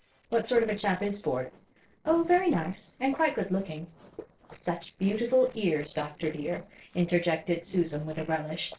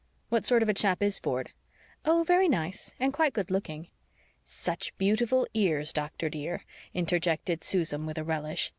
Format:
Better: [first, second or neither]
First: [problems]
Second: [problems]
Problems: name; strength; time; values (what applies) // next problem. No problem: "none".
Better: second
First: noise reduction (neural separator model SepFormer DNS4)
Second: none